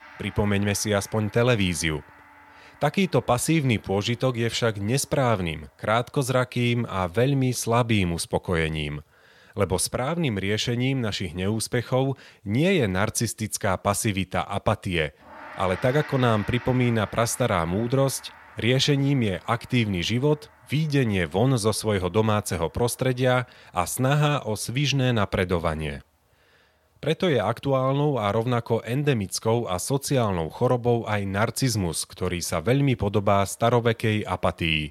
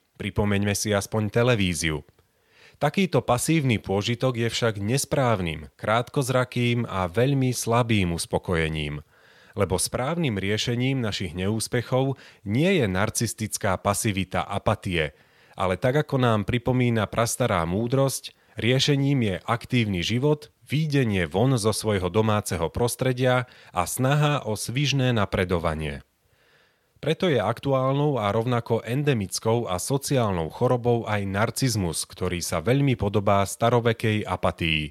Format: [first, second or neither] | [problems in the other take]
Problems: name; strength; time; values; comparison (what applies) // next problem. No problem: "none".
second | background music; faint; throughout; 20 dB below the speech